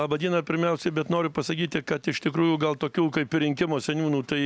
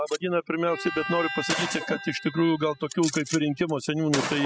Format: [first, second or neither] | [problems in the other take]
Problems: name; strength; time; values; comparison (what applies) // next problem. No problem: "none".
first | noise reduction (classical method spectral subtraction)